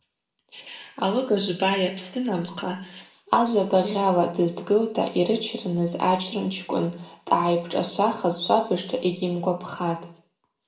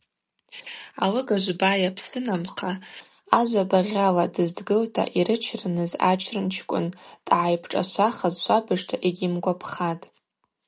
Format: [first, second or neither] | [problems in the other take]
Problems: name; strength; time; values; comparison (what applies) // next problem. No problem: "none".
second | room echo; dies away in 0.5 s